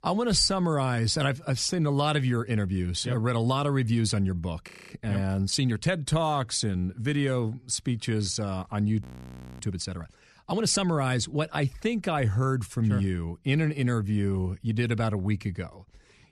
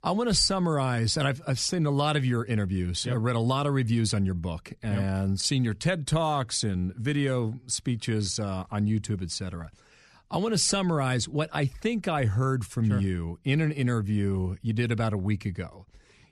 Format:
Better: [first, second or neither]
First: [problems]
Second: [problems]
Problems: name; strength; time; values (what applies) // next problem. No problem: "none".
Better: second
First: audio freezing; at 4.5 s and at 9 s for 0.5 s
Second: none